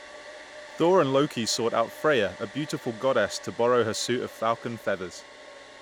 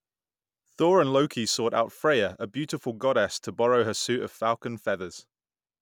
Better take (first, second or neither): second